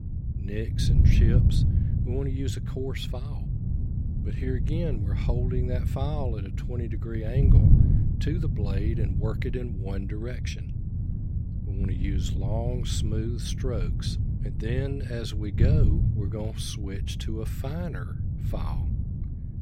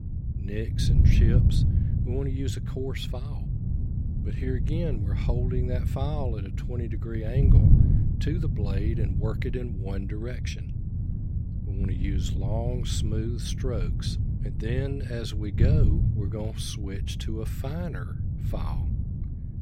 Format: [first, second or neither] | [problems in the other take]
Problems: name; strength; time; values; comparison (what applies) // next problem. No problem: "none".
neither | wind noise on the microphone; heavy; 3 dB below the speech; the same in both